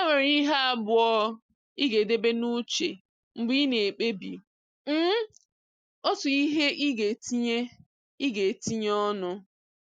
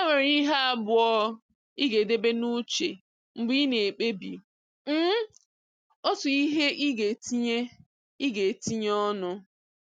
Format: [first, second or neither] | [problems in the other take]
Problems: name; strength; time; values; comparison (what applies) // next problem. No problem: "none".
second | noise reduction (neural mask model Resemble Enhance denoiser)